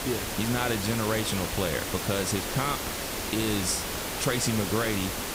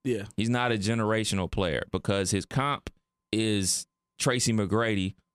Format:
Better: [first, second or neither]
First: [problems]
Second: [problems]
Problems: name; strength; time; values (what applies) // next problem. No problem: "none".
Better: second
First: hiss; loud; throughout; 2 dB below the speech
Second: none